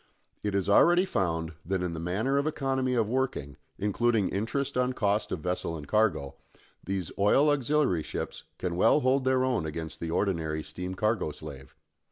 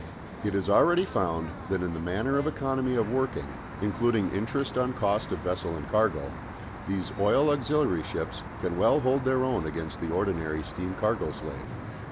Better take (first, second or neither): first